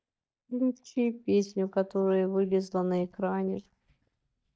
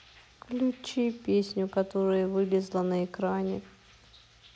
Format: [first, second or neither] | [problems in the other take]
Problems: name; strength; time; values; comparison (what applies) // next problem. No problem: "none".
second | noise reduction (neural mask model DeepFilterNet 3)